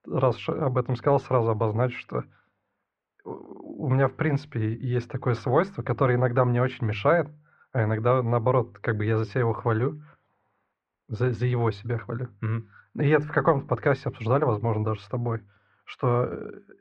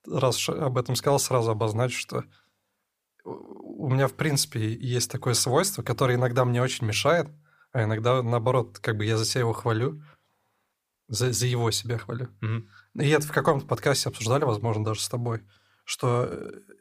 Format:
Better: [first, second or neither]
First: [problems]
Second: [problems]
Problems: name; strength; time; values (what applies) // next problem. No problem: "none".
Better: second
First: muffled; very; fading above 2 kHz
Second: none